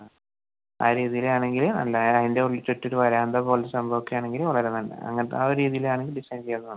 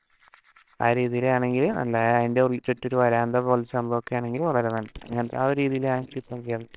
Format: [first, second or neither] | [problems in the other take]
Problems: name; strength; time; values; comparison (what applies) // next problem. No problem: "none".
first | noise reduction (neural separator model SepFormer WHAMR!)